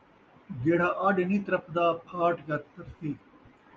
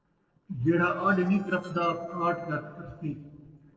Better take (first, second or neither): first